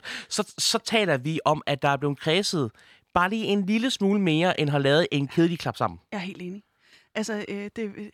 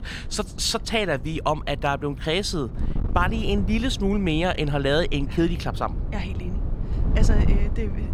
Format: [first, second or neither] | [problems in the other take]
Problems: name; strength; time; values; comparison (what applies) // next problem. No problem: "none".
first | wind noise on the microphone; occasional gusts; 15 dB below the speech